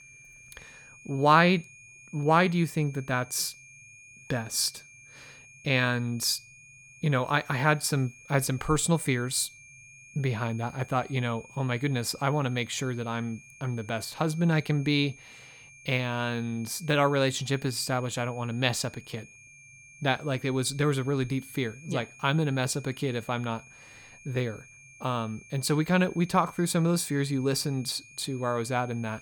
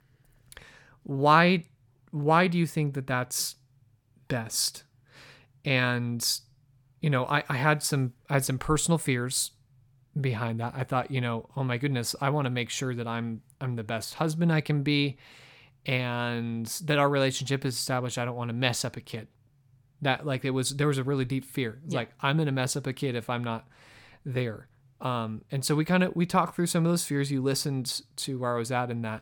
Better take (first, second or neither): second